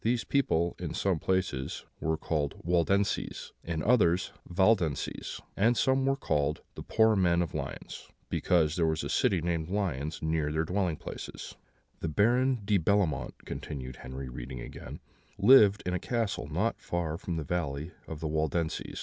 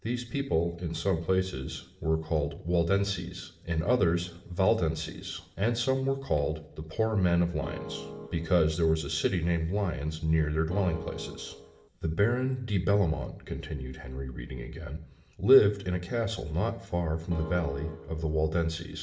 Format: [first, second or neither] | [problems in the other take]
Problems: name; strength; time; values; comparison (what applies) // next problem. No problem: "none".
first | background sound (Keyboard (musical)); 12 dB below the speech // room echo; dies away in 0.6 s